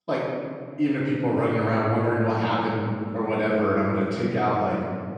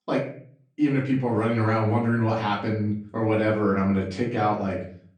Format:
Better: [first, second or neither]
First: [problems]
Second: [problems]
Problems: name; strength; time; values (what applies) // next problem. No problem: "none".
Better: second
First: room echo; strong; dies away in 2.1 s // off-mic speech; far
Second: room echo; slight; dies away in 0.5 s // off-mic speech; far